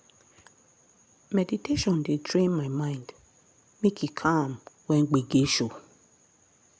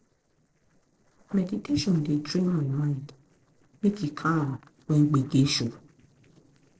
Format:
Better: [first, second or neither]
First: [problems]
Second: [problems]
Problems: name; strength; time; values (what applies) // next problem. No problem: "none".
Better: first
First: none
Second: noise reduction (neural separator model SepFormer DNS4)